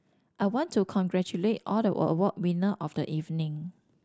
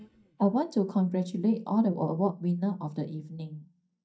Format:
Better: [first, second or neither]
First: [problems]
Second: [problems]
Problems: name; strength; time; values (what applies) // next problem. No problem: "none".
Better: first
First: none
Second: noise reduction (neural mask model DeepFilterNet 3)